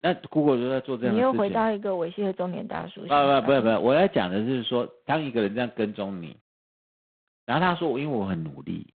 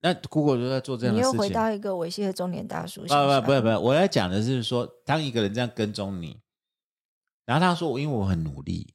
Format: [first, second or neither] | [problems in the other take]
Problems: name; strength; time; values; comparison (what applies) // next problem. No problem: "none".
second | phone-call audio; poor line; nothing above 3.5 kHz